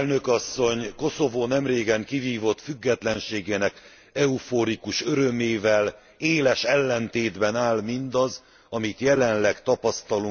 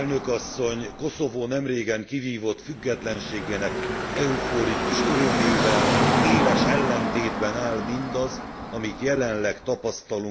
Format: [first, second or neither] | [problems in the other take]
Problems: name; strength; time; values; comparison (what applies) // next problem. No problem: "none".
first | background sound (Car passing by / Traffic noise, roadway noise); as loud as the speech // room echo; dies away in 0.5 s